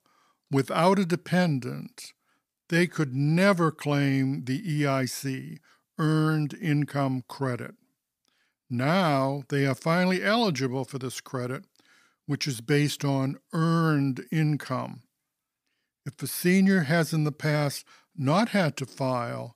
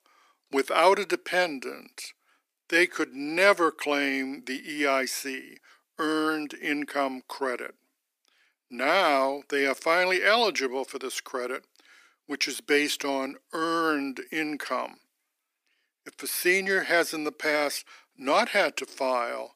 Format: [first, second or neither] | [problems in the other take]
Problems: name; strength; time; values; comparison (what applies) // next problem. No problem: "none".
first | thin; somewhat; fading below 300 Hz